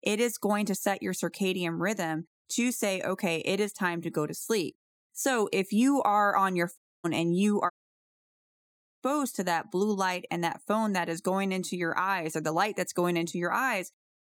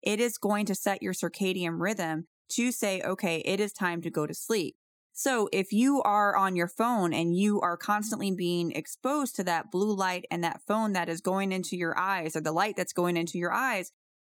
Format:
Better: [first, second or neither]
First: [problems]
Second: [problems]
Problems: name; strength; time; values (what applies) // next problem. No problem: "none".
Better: second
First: audio cutting out; at 7 s and at 7.5 s for 1.5 s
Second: none